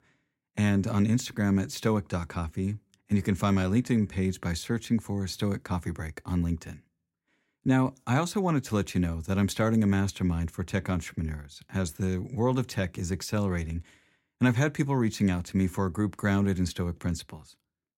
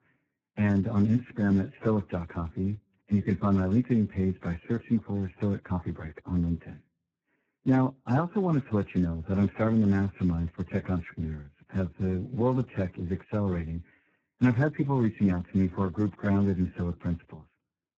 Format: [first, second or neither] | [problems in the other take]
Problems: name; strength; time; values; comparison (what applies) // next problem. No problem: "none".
first | garbled, watery; badly; nothing above 16.5 kHz